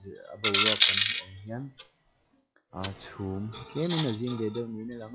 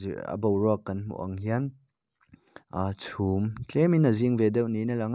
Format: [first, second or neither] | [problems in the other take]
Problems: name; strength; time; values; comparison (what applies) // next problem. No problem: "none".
second | noise reduction (classical method log-MMSE)